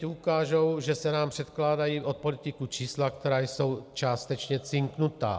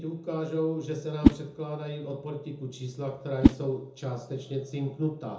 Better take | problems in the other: first | background sound (Whoosh, swoosh, swish); 4 dB above the speech // room echo; dies away in 0.5 s

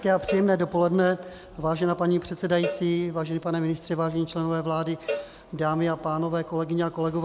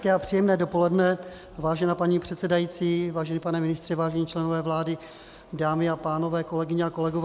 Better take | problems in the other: second | background sound (Cowbell); 13 dB below the speech

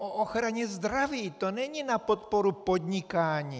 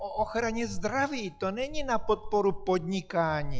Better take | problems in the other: first | noise reduction (classical method log-MMSE)

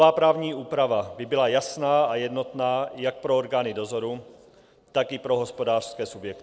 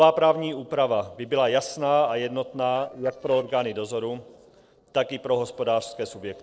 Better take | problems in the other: first | noise reduction (neural separator model SepFormer DNS4)

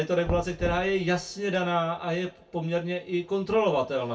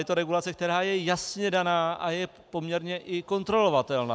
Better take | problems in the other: second | background sound (Knock); 12 dB below the speech // room echo; dies away in 0.2 s

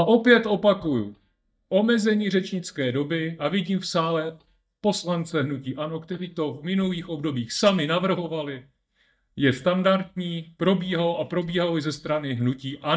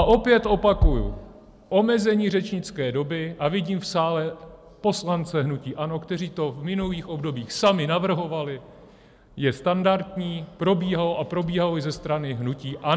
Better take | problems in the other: second | noise reduction (neural mask model DeepFilterNet 3)

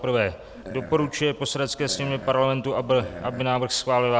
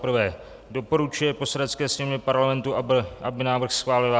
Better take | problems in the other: second | background sound (Burping, eructation); 15 dB below the speech

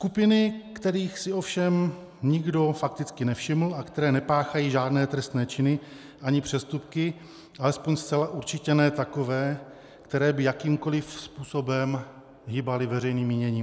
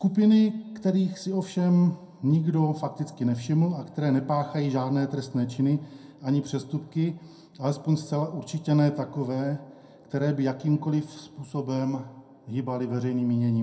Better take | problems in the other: first | room echo; dies away in 0.2 s

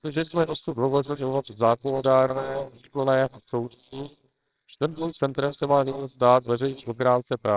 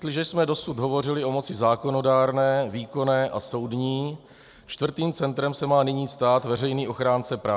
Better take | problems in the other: second | noise reduction (neural separator model SepFormer WHAMR!)

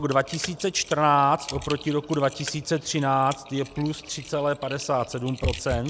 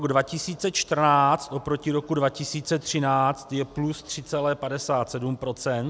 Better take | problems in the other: second | background sound (Typing); 13 dB below the speech

